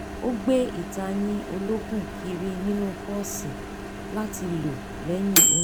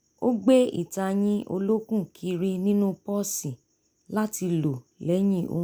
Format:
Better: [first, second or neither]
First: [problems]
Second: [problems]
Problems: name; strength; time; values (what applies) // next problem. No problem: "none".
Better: second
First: background sound (Microwave oven); as loud as the speech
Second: none